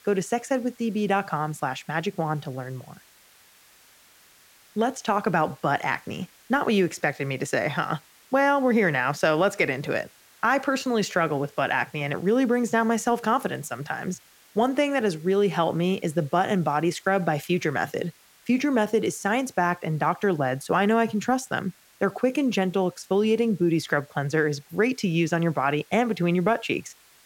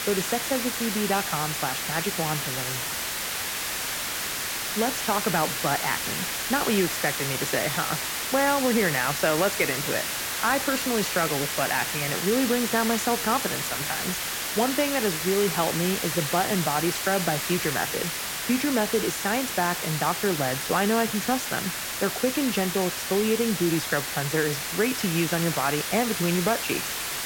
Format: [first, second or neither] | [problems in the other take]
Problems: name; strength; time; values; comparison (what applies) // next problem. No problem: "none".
first | hiss; loud; throughout; 1 dB below the speech; faint in the first